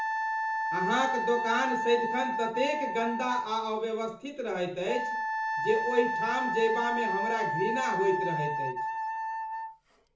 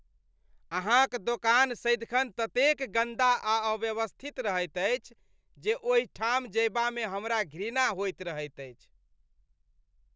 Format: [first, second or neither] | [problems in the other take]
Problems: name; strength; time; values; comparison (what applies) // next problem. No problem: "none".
second | background sound (Wind instrument, woodwind instrument); 1 dB below the speech // room echo; dies away in 0.6 s